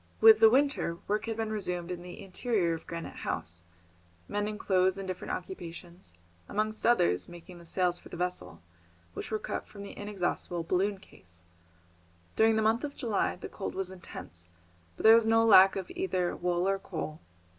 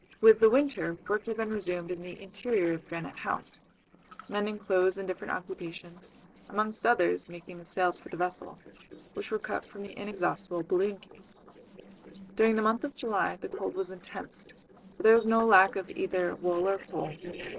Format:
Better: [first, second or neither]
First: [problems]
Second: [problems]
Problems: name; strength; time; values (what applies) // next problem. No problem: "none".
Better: first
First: none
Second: noise reduction (neural separator model SepFormer DNS4)